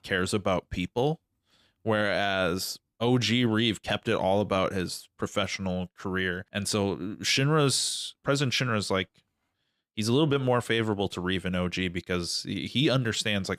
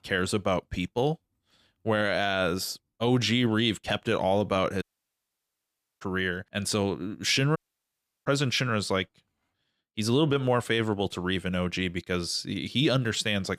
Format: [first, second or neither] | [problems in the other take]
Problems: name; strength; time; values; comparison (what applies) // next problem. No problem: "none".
first | audio cutting out; at 5 s for 1 s and at 7.5 s for 0.5 s